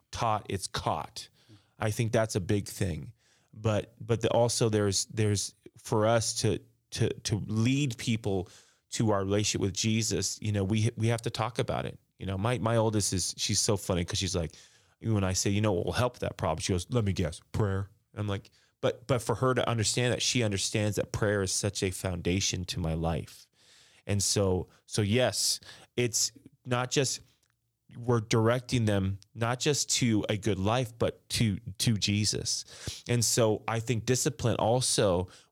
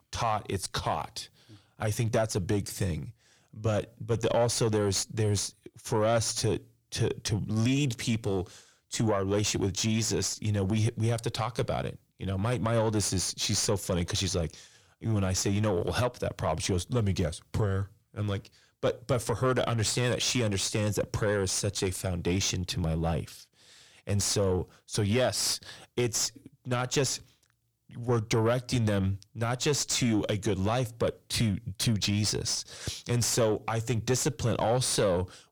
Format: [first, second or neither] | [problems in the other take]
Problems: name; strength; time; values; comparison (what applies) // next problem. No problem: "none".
first | distortion; slight; 10 dB below the speech